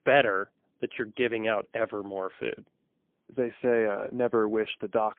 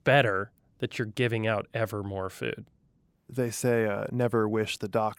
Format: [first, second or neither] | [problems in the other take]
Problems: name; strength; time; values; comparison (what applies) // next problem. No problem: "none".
second | phone-call audio; poor line; nothing above 3 kHz